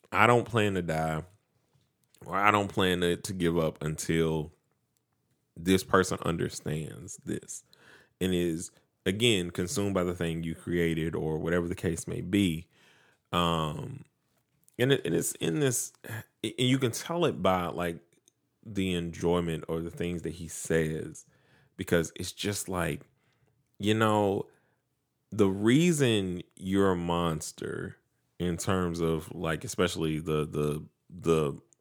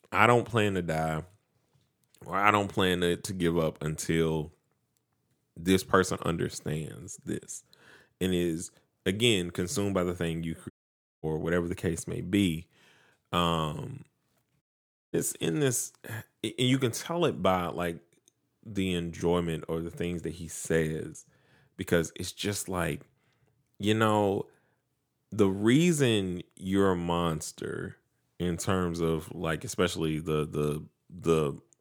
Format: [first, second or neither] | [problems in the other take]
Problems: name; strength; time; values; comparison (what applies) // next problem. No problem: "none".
first | audio cutting out; at 11 s for 0.5 s and at 15 s for 0.5 s